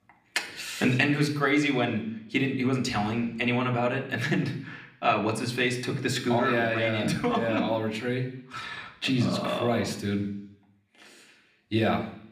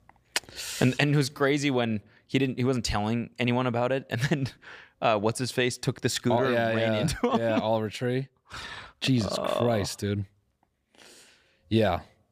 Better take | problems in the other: second | room echo; slight; dies away in 0.7 s

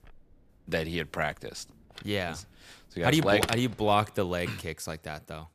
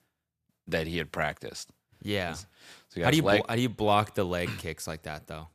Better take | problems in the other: second | phone ringing; noticeable; from 2 to 3.5 s; peak 2 dB below the speech

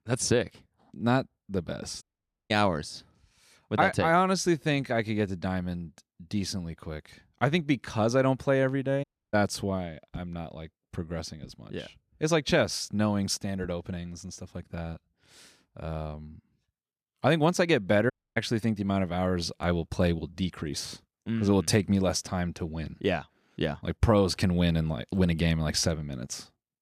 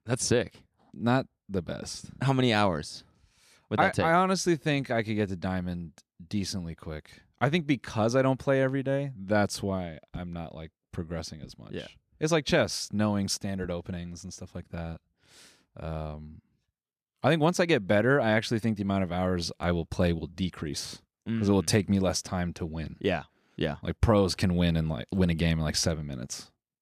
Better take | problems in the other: second | audio cutting out; at 2 s, at 9 s and at 18 s

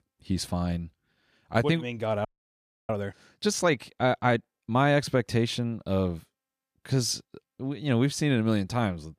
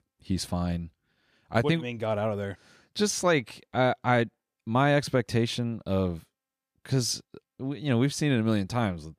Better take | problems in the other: second | audio freezing; at 2.5 s for 0.5 s

